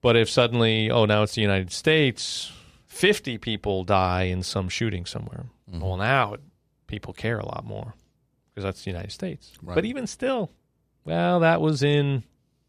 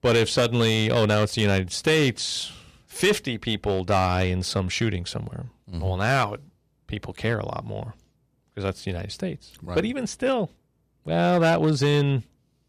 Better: first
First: none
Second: distortion; slight; 5% of the sound clipped

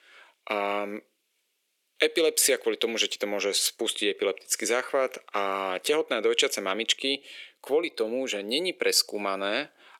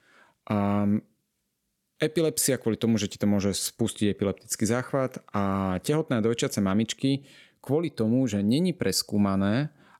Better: second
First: thin; very; fading below 400 Hz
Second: none

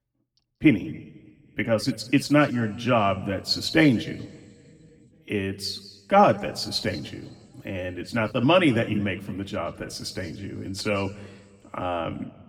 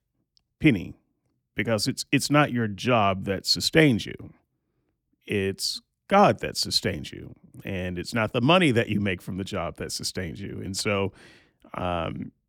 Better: second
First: room echo; very slight; dies away in 1.4 s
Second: none

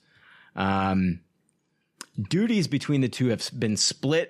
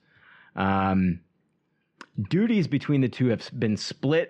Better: first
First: none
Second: muffled; slightly; fading above 3 kHz

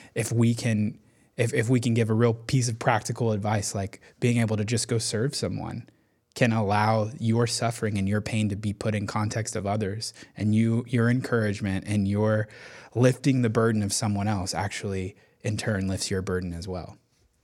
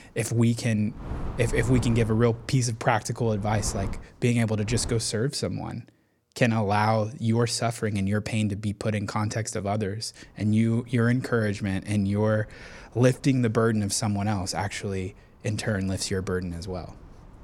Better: first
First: none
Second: wind noise on the microphone; occasional gusts; until 5 s and from 10 s on; 15 dB below the speech

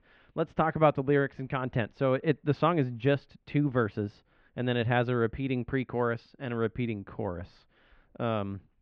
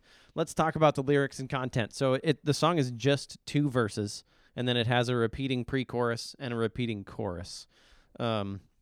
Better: second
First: muffled; very; fading above 2.5 kHz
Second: none

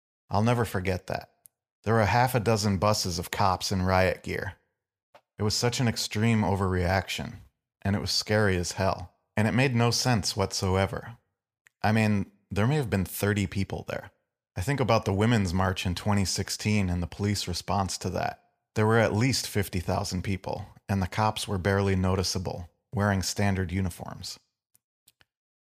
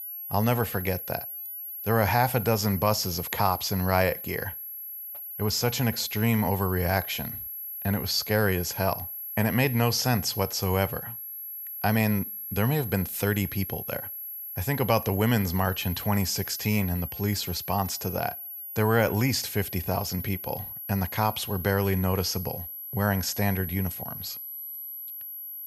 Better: first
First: none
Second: high-pitched whine; loud; throughout; 11.5 kHz, 7 dB below the speech

